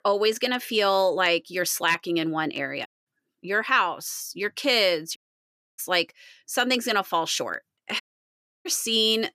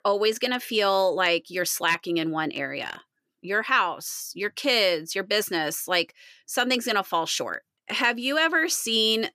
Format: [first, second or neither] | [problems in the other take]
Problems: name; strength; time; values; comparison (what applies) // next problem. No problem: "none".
second | audio cutting out; at 3 s, at 5 s for 0.5 s and at 8 s for 0.5 s